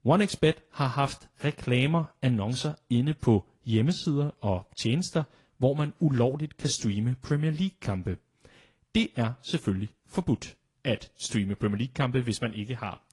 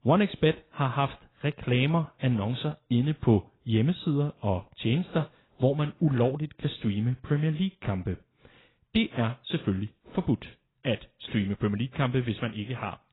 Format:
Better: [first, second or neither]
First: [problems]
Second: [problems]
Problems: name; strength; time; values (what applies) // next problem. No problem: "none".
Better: first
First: garbled, watery; slightly; nothing above 10.5 kHz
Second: garbled, watery; badly; nothing above 4 kHz